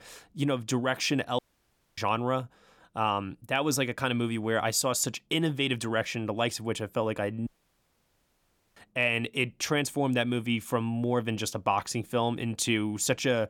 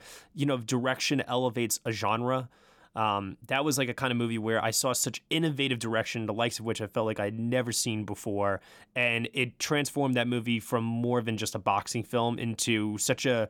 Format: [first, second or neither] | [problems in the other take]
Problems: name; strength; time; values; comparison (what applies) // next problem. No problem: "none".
second | audio cutting out; at 1.5 s for 0.5 s and at 7.5 s for 1.5 s